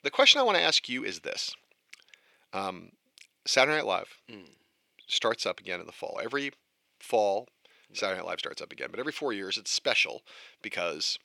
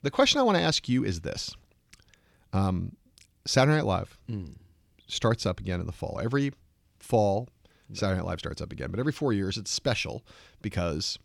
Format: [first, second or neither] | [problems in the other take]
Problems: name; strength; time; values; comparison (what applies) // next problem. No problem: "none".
second | thin; somewhat; fading below 500 Hz